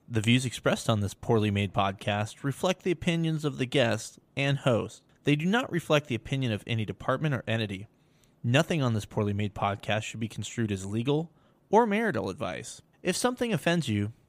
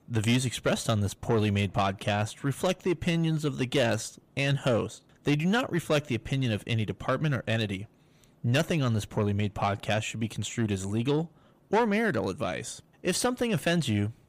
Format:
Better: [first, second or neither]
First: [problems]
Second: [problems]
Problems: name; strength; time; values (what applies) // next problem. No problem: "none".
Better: first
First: none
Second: distortion; slight; 10 dB below the speech